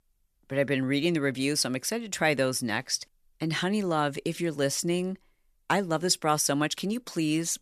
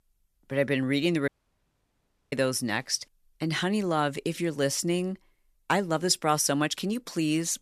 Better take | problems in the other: first | audio cutting out; at 1.5 s for 1 s

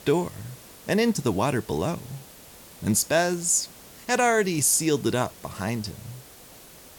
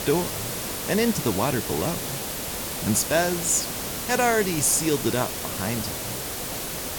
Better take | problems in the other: first | hiss; loud; throughout; 4 dB below the speech; faint in the first

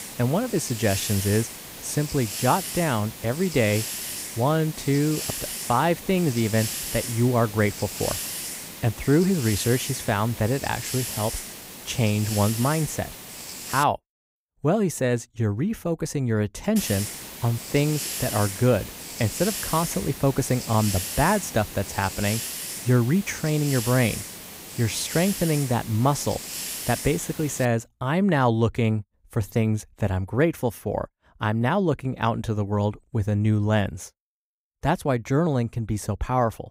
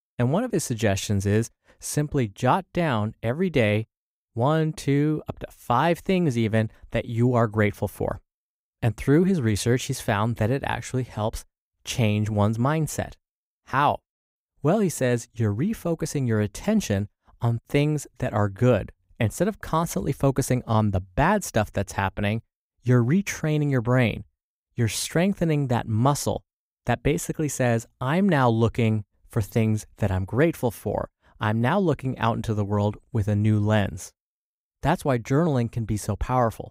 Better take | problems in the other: second | hiss; loud; until 14 s and from 17 to 28 s; 7 dB below the speech

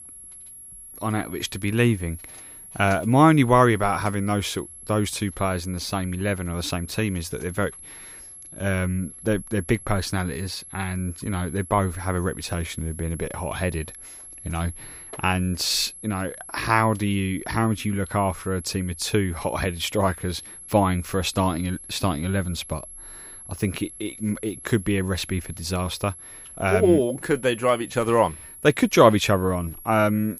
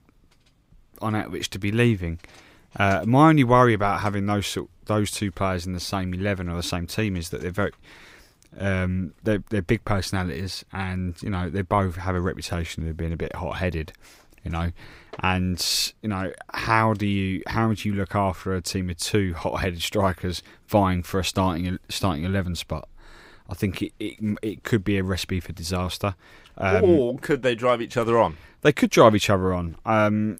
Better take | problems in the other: second | high-pitched whine; noticeable; throughout; 11 kHz, 15 dB below the speech

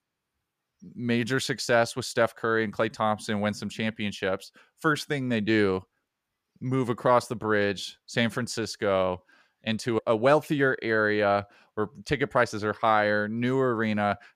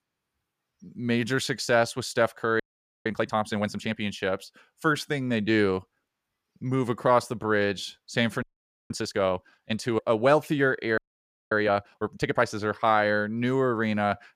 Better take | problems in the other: first | audio freezing; at 2.5 s, at 8.5 s and at 11 s for 0.5 s

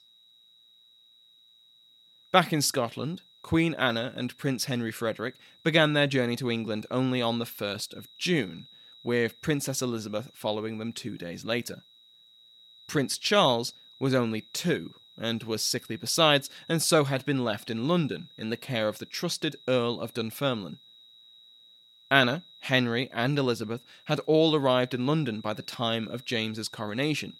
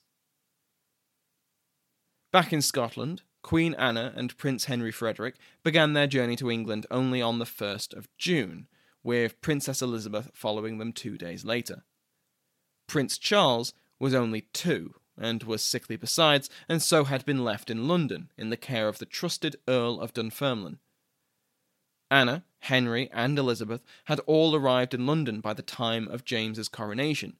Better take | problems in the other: second | high-pitched whine; faint; throughout; 4 kHz, 25 dB below the speech

